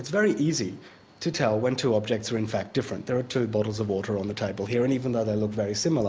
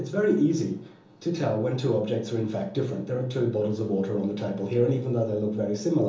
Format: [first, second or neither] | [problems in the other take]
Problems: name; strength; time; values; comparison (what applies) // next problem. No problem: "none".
first | room echo; dies away in 1.2 s